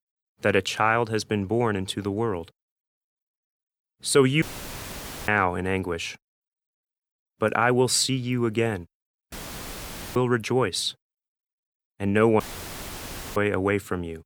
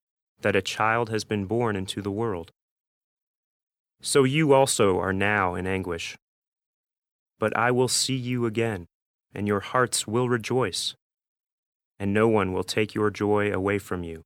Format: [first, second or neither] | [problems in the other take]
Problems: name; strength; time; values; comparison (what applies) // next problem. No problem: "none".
second | audio cutting out; filled with static; at 4.5 s for 1 s, at 9.5 s for 1 s and at 12 s for 1 s